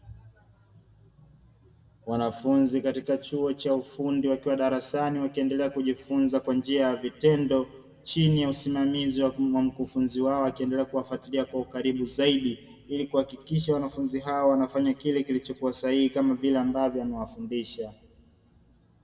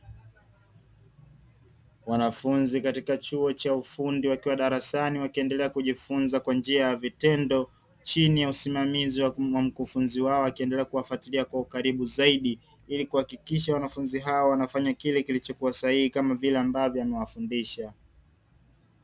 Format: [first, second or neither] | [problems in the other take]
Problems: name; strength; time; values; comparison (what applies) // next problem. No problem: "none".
second | room echo; dies away in 1.3 s